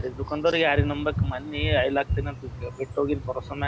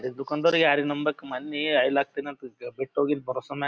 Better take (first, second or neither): second